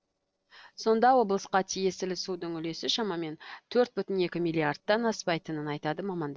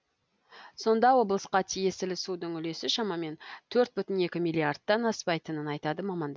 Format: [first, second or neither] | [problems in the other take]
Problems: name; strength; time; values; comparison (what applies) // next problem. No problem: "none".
second | noise reduction (neural separator model SepFormer DNS4)